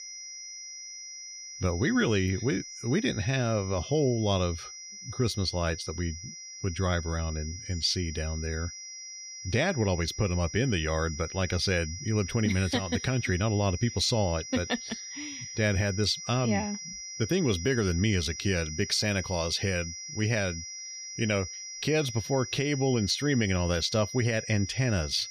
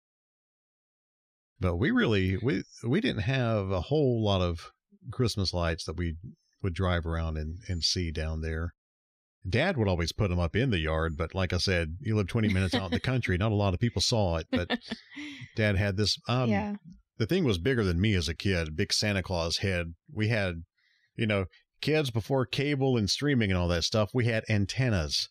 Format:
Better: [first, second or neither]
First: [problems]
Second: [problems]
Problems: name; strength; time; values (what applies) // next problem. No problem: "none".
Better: second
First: high-pitched whine; loud; throughout; 5.5 kHz, 10 dB below the speech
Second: none